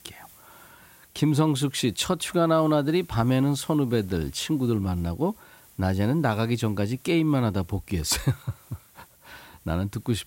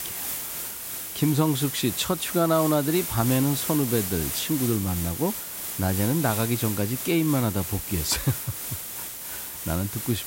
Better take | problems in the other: first | hiss; loud; throughout; 5 dB below the speech; faint in the first

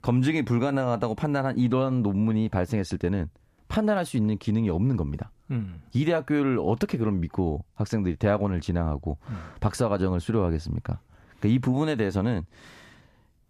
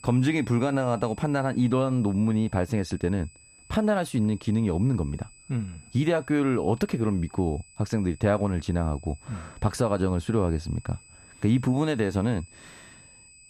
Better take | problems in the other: first | high-pitched whine; faint; throughout; 8 kHz, 25 dB below the speech

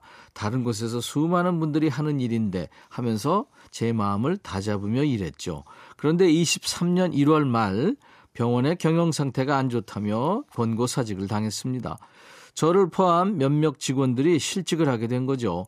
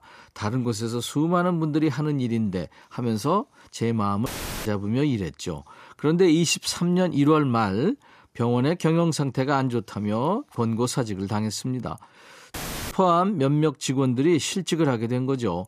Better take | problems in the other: first | audio cutting out; filled with static; at 4.5 s and at 13 s

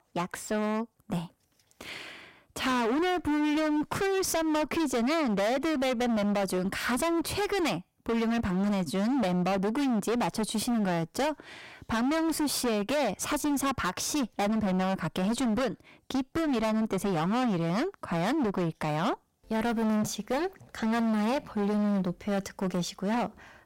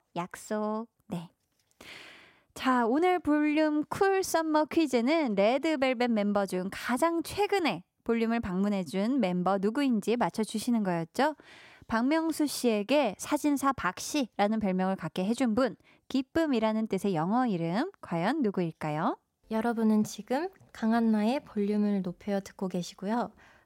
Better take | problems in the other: second | distortion; heavy; 31% of the sound clipped

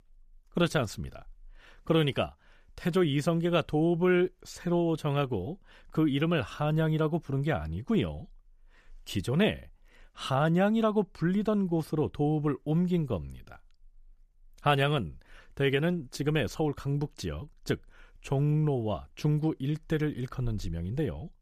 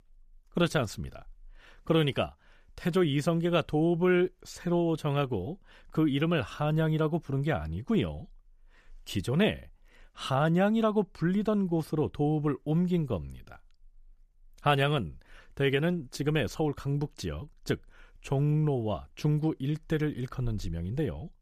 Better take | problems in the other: neither | none

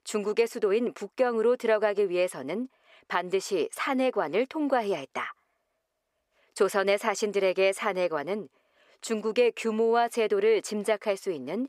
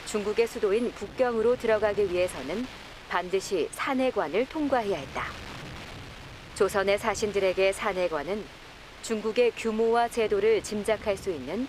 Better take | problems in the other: first | wind noise on the microphone; occasional gusts; 15 dB below the speech

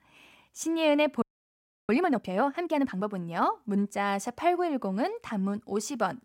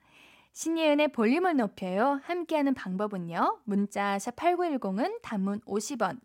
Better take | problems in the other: second | audio freezing; at 1 s for 0.5 s

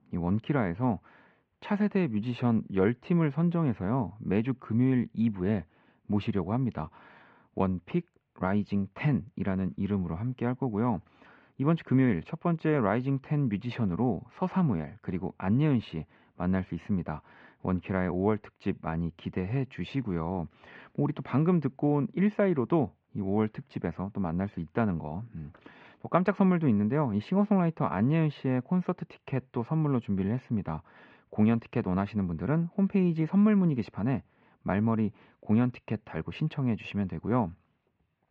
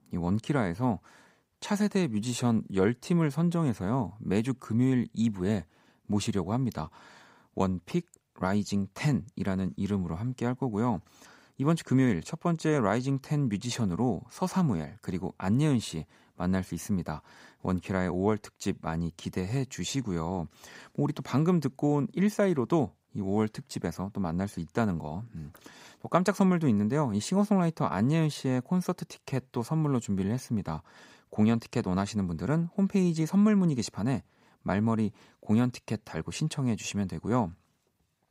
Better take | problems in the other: second | muffled; very; fading above 2.5 kHz

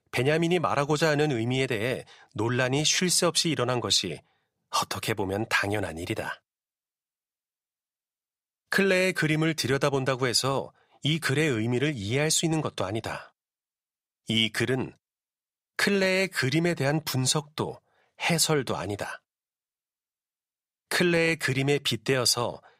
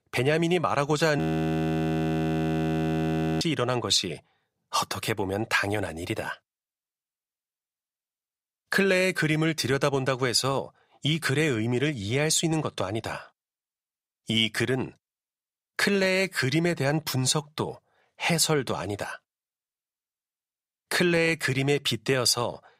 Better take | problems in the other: first | audio freezing; at 1 s for 2 s

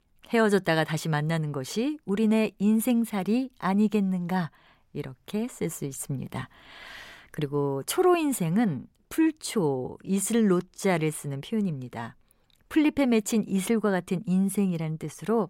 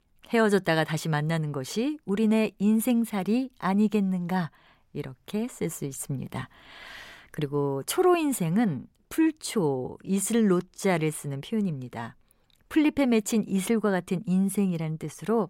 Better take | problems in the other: neither | none

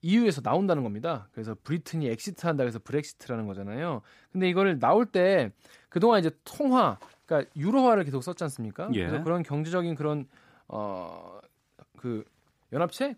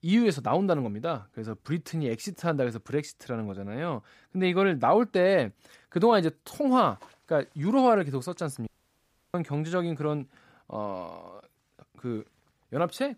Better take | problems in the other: first | audio cutting out; at 8.5 s for 0.5 s

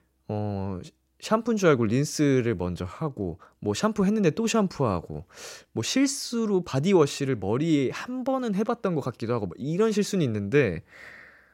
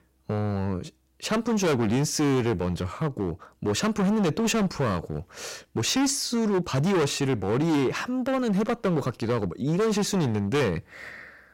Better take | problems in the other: first | distortion; heavy; 17% of the sound clipped

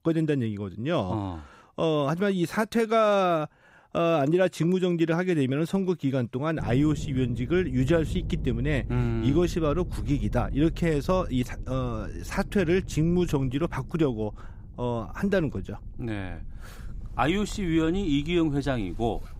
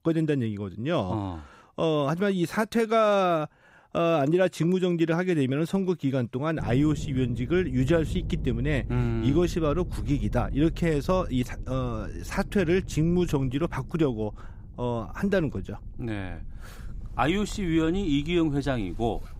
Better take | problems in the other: neither | low rumble; faint; from 6.5 s on; 20 dB below the speech; the same in both

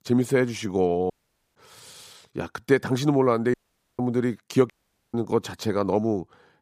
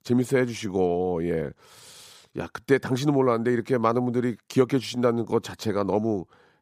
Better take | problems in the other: second | audio cutting out; at 1 s, at 3.5 s and at 4.5 s

